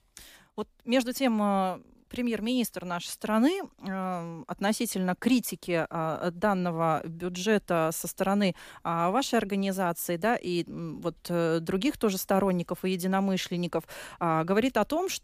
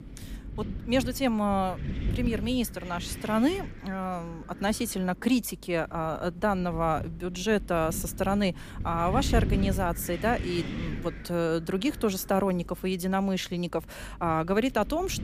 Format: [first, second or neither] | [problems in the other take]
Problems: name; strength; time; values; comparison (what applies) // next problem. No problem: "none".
first | wind noise on the microphone; occasional gusts; 15 dB below the speech